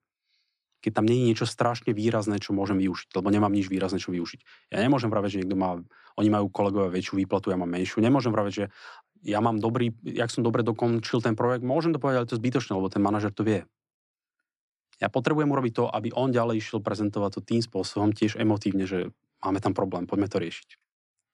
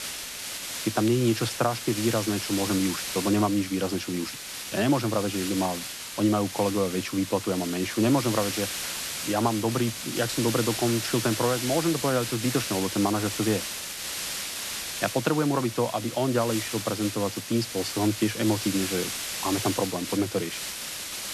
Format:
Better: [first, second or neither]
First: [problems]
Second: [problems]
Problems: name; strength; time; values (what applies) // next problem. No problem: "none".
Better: first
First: none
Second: hiss; loud; throughout; 5 dB below the speech